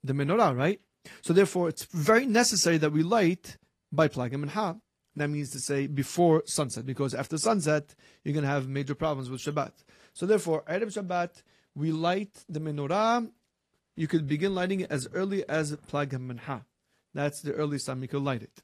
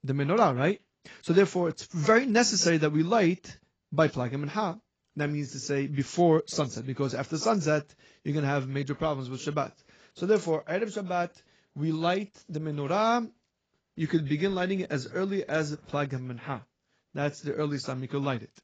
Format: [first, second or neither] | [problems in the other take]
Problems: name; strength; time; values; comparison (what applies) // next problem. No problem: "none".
first | garbled, watery; badly; nothing above 7.5 kHz; slightly in the first